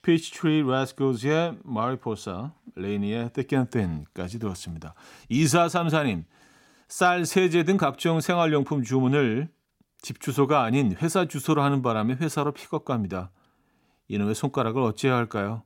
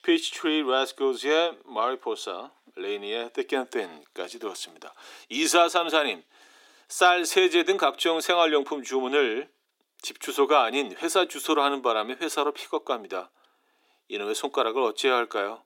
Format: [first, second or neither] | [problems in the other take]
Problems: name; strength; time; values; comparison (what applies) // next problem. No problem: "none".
first | thin; very; fading below 350 Hz